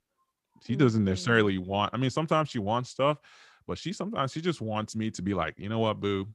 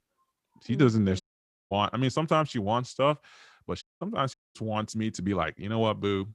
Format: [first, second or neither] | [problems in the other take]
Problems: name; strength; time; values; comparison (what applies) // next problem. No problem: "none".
first | audio cutting out; at 1 s for 0.5 s, at 4 s and at 4.5 s